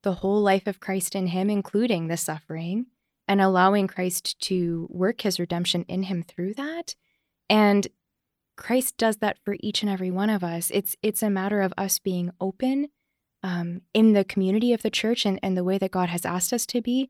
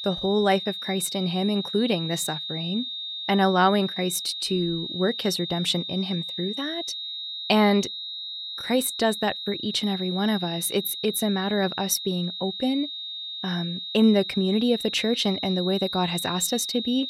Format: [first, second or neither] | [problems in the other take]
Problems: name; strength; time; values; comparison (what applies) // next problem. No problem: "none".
first | high-pitched whine; loud; throughout; 4 kHz, 6 dB below the speech